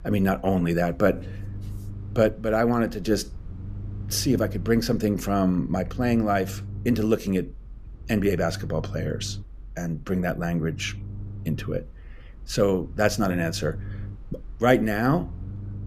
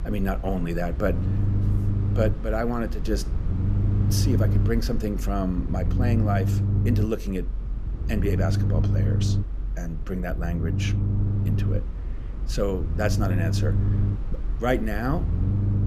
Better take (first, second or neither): first